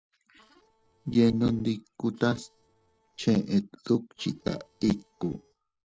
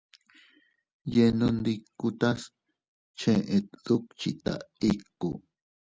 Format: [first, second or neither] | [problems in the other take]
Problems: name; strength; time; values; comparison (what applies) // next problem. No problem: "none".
second | noise reduction (neural separator model SepFormer DNS4)